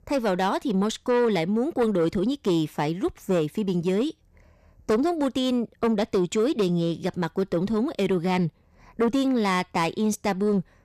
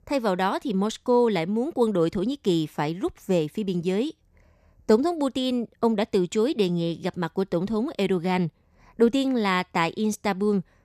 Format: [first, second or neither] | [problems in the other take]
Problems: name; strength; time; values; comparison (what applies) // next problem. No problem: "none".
second | distortion; slight; 10 dB below the speech